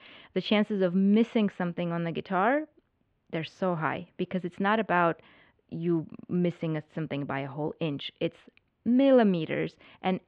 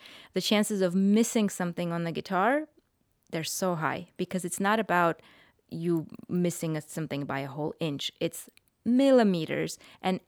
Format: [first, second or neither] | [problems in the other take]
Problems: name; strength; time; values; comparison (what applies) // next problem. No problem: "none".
second | muffled; very; fading above 3 kHz